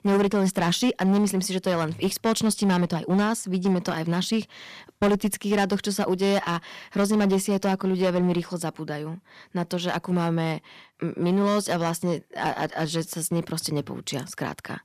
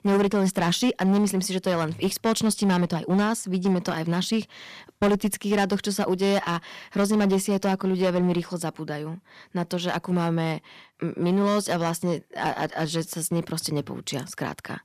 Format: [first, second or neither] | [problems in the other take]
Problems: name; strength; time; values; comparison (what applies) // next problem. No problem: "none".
neither | distortion; slight; 7% of the sound clipped; the same in both